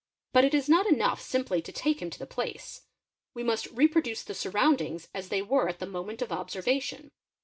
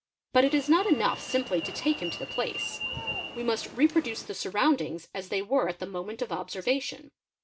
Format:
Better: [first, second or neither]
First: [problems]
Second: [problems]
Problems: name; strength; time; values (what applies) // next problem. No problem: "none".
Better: first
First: none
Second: background sound (Alarm); 9 dB below the speech